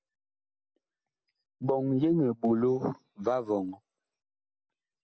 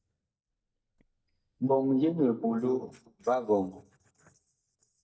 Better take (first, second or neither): first